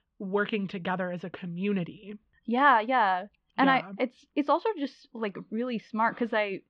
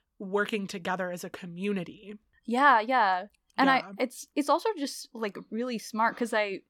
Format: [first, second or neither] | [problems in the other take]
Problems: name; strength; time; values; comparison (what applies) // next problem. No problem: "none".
second | muffled; slightly; fading above 3 kHz